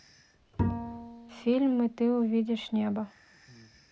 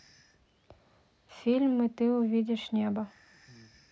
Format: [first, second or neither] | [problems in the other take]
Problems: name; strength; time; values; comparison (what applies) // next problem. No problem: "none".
second | background sound (Bowed string instrument); 7 dB below the speech